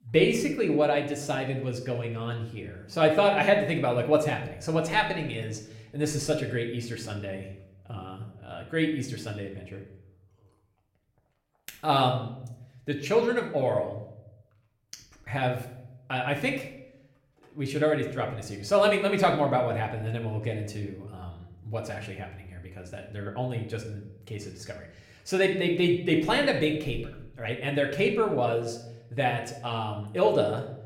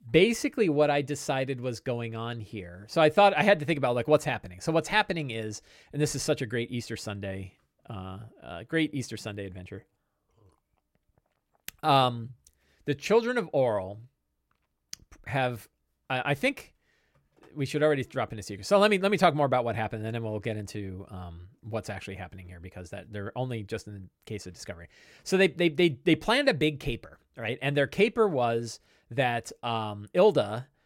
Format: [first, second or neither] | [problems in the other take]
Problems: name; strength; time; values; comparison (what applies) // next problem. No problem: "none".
second | room echo; slight; dies away in 0.6 s // off-mic speech; somewhat distant